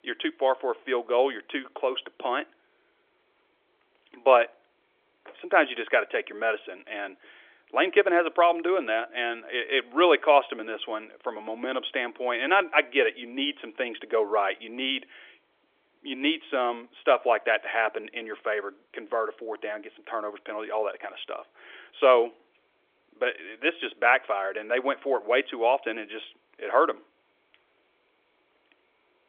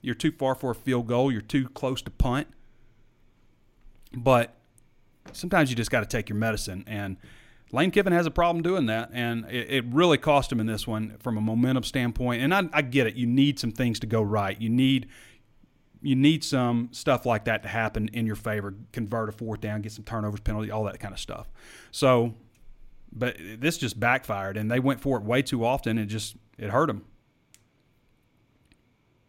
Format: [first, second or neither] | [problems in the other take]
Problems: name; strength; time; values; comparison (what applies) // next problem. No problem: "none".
second | phone-call audio; nothing above 3.5 kHz